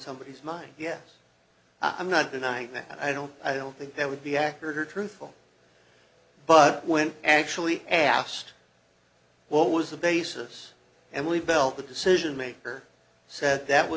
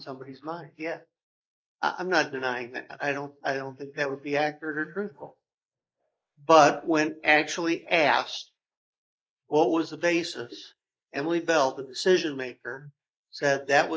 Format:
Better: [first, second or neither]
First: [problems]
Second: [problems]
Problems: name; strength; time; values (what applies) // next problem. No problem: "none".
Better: first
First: none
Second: noise reduction (neural mask model Resemble Enhance denoiser)